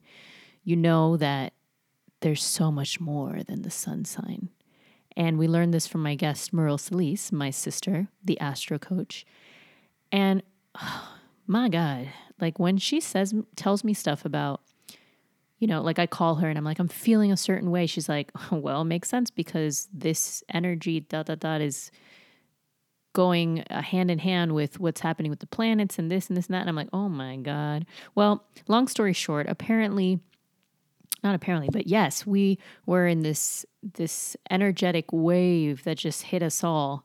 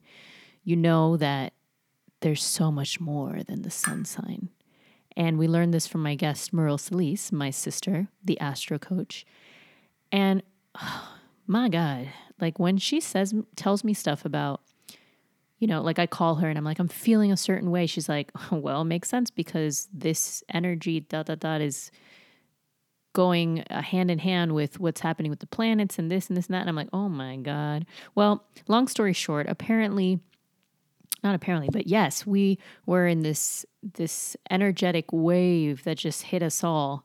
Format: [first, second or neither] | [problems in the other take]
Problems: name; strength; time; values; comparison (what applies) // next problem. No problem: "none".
first | clattering dishes; noticeable; at 4 s; peak 4 dB below the speech